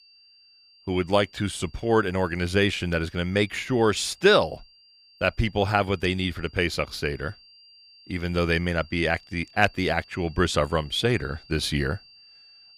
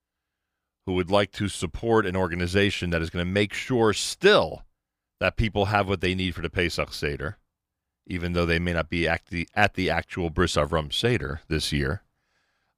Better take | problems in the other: second | high-pitched whine; faint; throughout; 4.5 kHz, 25 dB below the speech

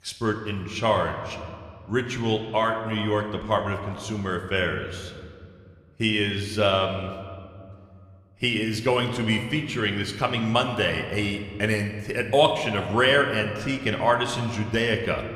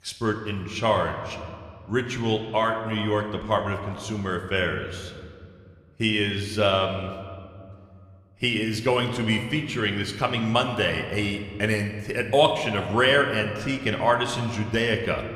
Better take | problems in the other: neither | room echo; slight; dies away in 1.7 s; the same in both

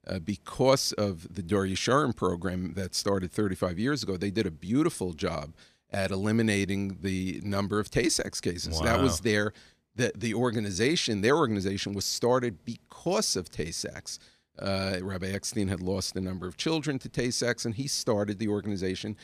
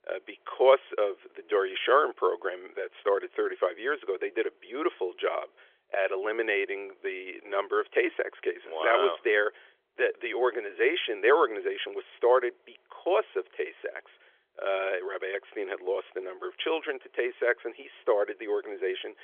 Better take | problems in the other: first | phone-call audio; nothing above 3.5 kHz

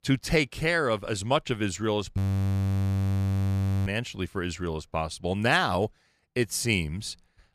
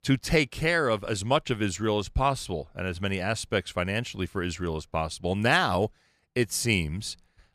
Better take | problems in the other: second | audio freezing; at 2 s for 1.5 s

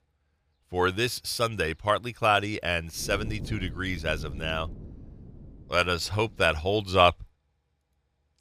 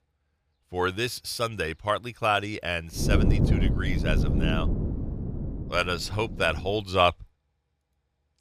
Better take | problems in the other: first | wind noise on the microphone; heavy; from 3 to 6.5 s; 9 dB below the speech; occasional gusts in the first

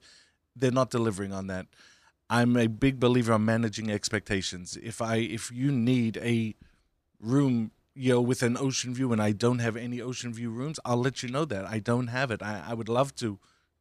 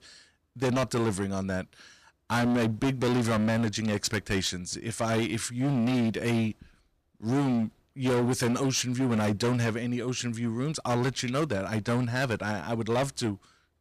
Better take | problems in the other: first | distortion; heavy; 16% of the sound clipped

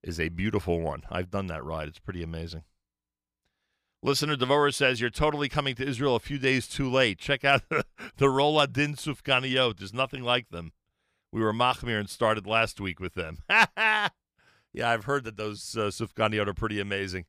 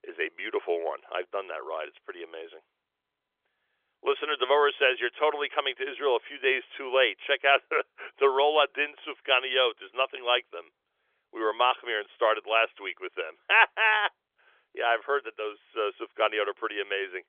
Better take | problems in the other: first | phone-call audio; nothing above 3.5 kHz

